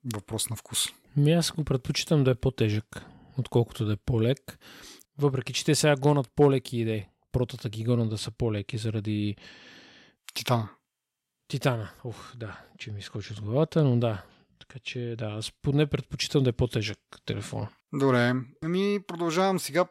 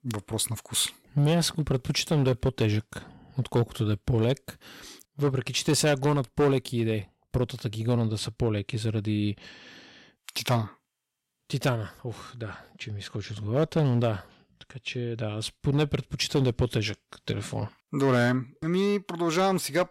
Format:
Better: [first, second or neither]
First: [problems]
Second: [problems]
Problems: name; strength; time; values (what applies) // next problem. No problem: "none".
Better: first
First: none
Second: distortion; slight; 4% of the sound clipped